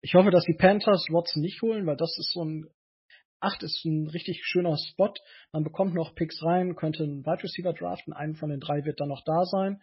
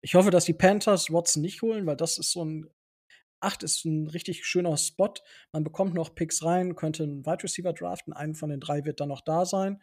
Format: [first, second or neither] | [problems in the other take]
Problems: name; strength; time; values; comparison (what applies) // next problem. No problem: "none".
second | garbled, watery; badly; nothing above 5.5 kHz